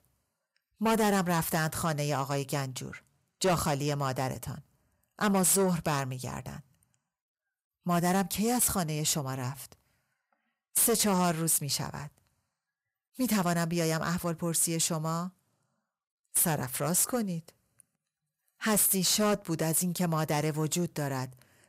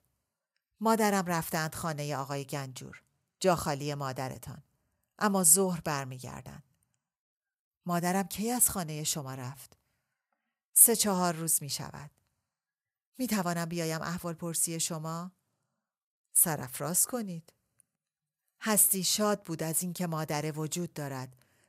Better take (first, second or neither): second